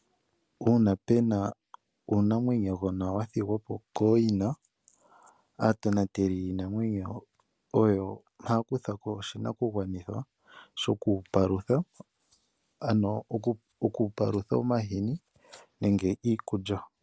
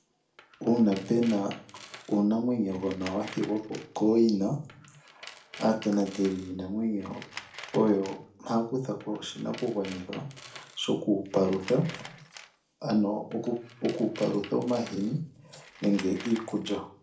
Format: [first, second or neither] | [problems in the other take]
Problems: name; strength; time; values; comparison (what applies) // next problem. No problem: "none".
first | background sound (Tools); 19 dB below the speech // room echo; dies away in 0.4 s